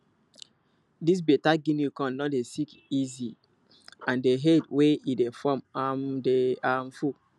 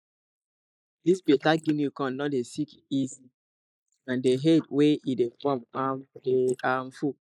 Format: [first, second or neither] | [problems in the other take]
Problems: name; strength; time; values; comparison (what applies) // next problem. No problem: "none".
first | noise reduction (neural mask model Resemble Enhance denoiser)